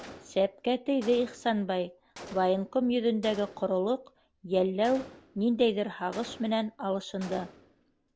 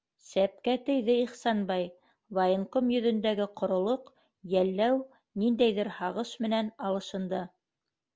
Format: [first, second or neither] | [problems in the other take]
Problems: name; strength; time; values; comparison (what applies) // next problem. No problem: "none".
second | background sound (Gunshot, gunfire); 20 dB below the speech